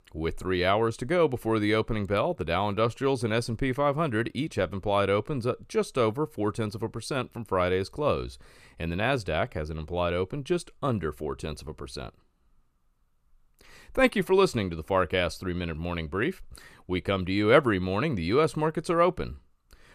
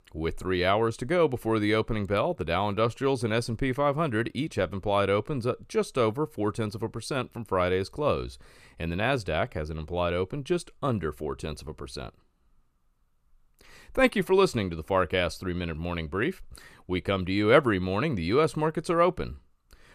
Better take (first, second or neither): neither